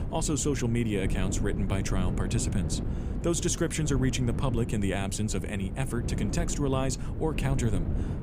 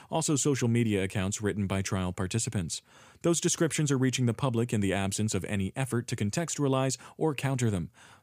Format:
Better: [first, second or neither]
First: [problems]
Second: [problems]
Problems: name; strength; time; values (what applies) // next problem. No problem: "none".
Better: second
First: wind noise on the microphone; heavy; 9 dB below the speech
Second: none